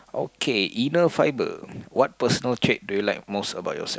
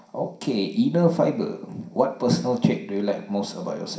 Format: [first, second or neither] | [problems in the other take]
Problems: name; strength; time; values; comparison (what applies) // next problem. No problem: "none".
first | room echo; dies away in 0.5 s